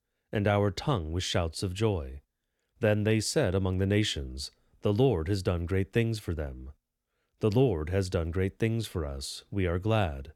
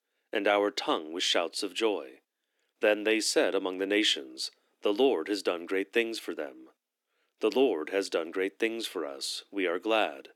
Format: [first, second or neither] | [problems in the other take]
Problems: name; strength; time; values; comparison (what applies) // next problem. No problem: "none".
first | thin; somewhat; fading below 300 Hz